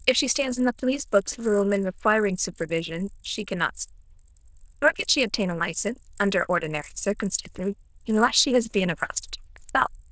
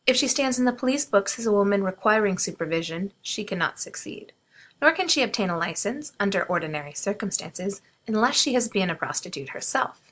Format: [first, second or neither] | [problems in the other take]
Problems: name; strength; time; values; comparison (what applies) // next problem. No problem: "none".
second | noise reduction (neural diffusion model UNIVERSE++)